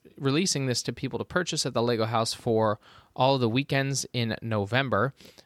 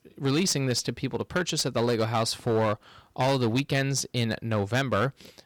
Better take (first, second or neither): first